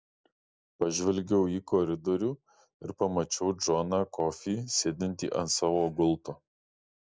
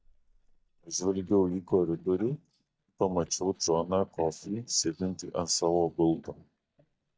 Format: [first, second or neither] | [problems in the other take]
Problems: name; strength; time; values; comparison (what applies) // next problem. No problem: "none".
first | noise reduction (neural mask model DeepFilterNet 3)